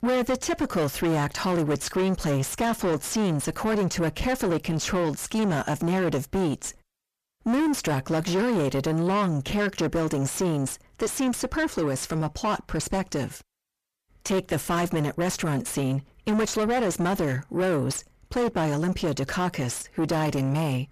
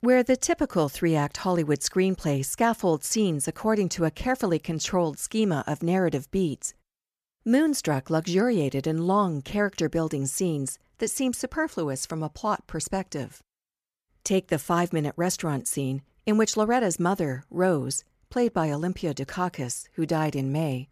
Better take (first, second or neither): second